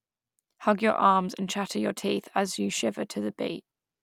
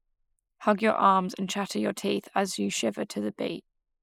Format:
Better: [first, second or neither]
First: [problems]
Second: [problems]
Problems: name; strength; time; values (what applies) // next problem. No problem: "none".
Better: first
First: none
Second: noise reduction (neural mask model Resemble Enhance denoiser)